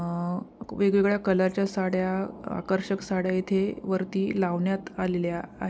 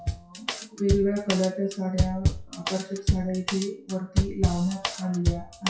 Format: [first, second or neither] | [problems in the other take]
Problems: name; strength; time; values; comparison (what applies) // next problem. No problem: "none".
first | noise reduction (classical method WPE with log-MMSE)